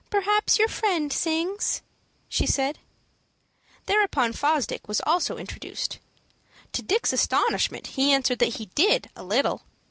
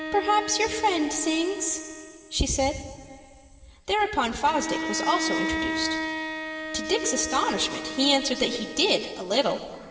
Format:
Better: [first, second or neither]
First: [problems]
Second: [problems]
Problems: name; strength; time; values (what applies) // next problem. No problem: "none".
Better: first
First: none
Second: background sound (Bowed string instrument); 7 dB below the speech // room echo; dies away in 2.8 s